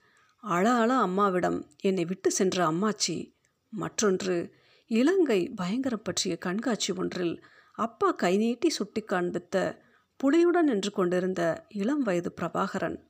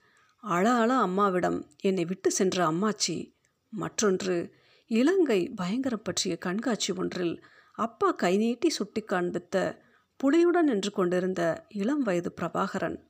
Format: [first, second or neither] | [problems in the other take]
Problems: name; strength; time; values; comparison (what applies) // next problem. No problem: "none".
neither | none